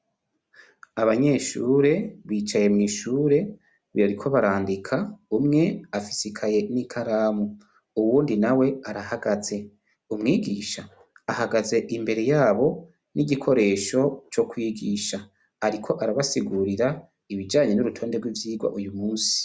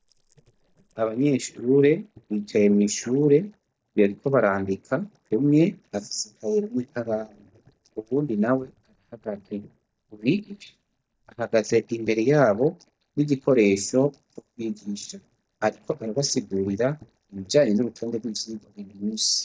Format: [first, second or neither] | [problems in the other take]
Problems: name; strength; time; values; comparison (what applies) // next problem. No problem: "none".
first | noise reduction (neural mask model DeepFilterNet 3)